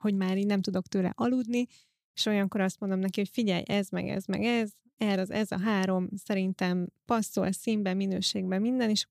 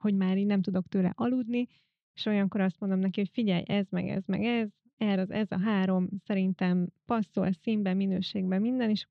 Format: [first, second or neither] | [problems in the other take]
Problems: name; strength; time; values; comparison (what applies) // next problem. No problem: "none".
first | muffled; slightly; fading above 3.5 kHz